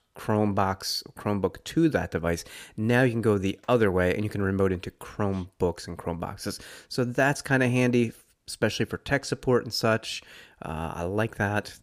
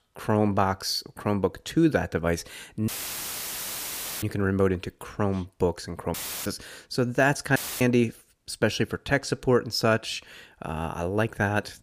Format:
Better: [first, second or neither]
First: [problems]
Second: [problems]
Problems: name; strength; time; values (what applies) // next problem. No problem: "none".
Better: first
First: none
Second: audio cutting out; filled with static; at 3 s for 1.5 s, at 6 s and at 7.5 s